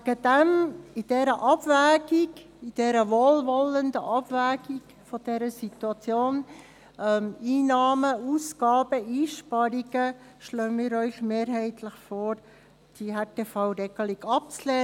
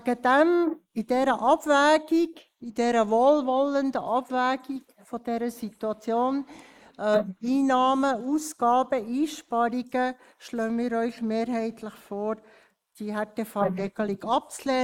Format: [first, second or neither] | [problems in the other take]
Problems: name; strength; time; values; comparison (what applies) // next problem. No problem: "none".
first | noise reduction (neural mask model Resemble Enhance denoiser)